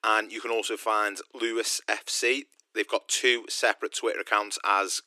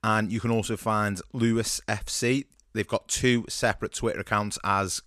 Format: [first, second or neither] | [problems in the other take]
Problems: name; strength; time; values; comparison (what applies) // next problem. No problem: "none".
second | thin; very; fading below 300 Hz